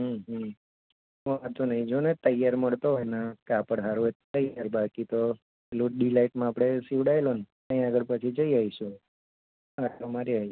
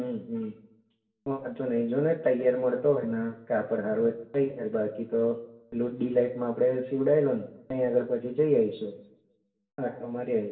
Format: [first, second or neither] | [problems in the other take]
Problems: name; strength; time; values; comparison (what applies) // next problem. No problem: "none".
first | room echo; dies away in 0.7 s